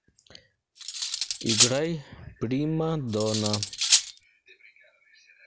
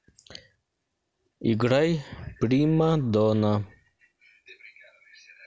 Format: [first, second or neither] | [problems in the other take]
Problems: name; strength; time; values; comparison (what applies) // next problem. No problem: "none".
second | background sound (Cutlery, silverware); 4 dB above the speech